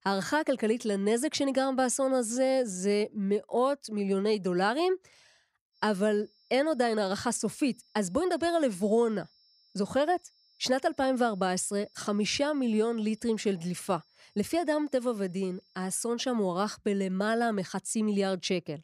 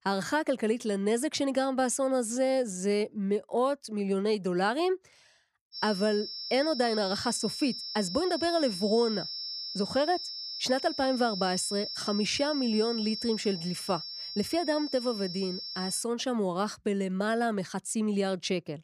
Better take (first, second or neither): first